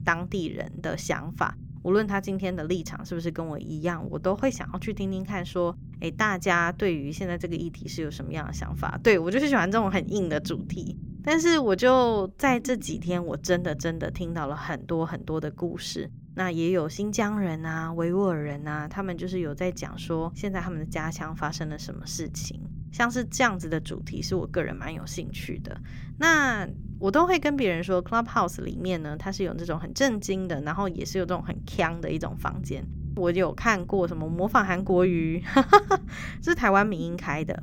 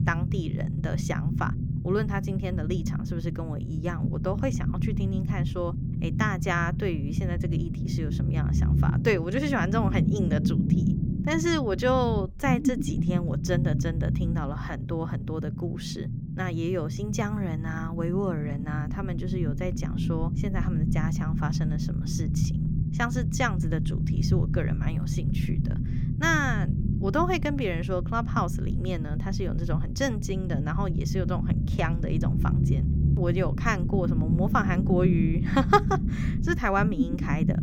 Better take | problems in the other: first | low rumble; loud; throughout; 7 dB below the speech; faint in the first

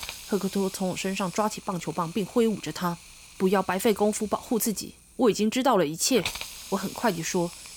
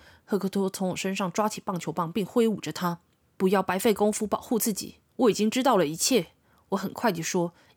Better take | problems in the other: second | hiss; noticeable; throughout; 15 dB below the speech

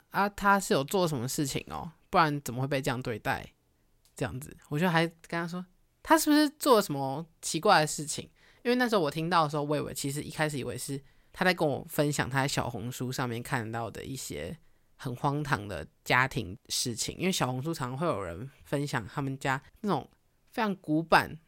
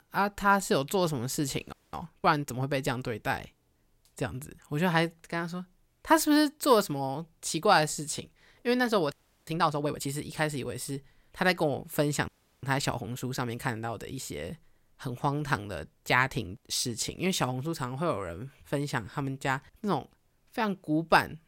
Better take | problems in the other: first | audio freezing; at 1.5 s, at 9 s and at 12 s

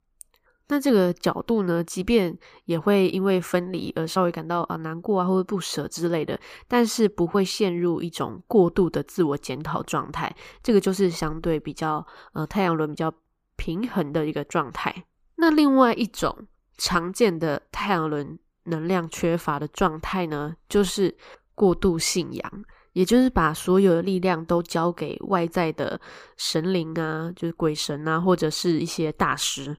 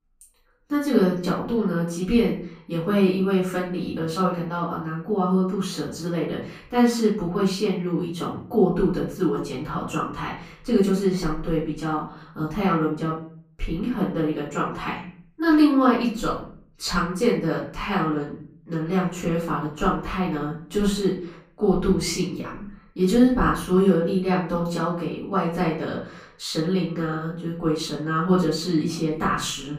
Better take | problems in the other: first | off-mic speech; far // room echo; slight; dies away in 0.5 s

